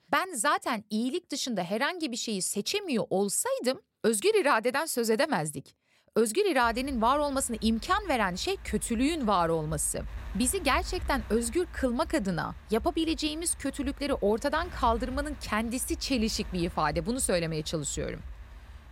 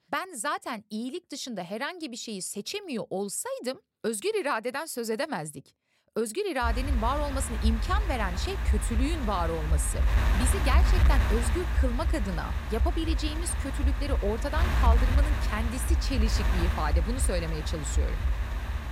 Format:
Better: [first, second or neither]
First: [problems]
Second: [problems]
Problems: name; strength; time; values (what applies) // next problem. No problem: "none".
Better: first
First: wind noise on the microphone; occasional gusts; from 6.5 s on; 25 dB below the speech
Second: wind noise on the microphone; heavy; from 6.5 s on; 5 dB below the speech